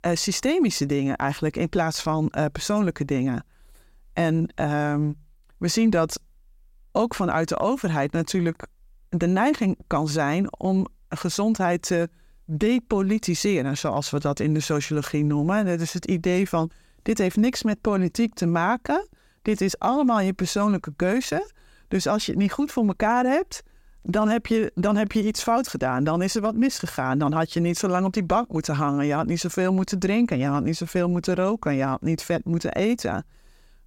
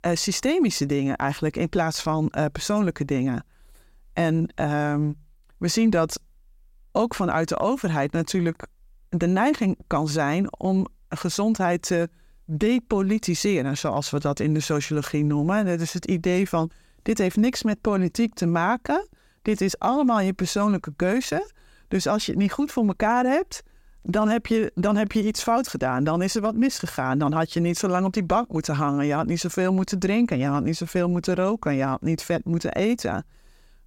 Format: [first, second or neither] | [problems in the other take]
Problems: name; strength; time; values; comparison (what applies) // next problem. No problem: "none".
neither | none